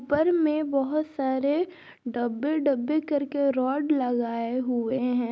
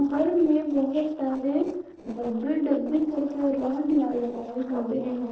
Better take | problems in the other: first | noise reduction (neural separator model SepFormer DNS4)

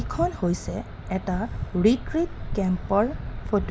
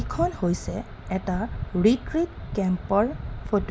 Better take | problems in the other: second | background sound (Motor vehicle (road)); 12 dB below the speech

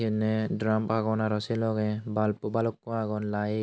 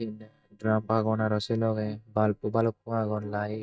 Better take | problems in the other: first | noise reduction (neural mask model DeepFilterNet 3)

